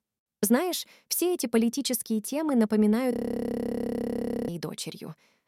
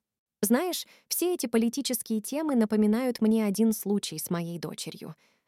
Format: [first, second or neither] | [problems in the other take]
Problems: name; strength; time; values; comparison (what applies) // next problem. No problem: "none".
second | audio freezing; at 3 s for 1.5 s